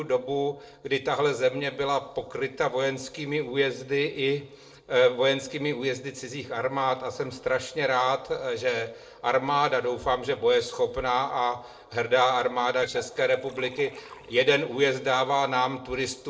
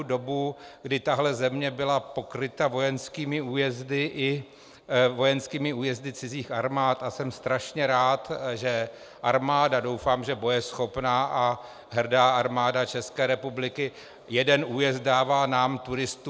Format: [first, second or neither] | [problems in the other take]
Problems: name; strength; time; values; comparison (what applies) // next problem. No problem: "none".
second | noise reduction (neural separator model SepFormer DNS4)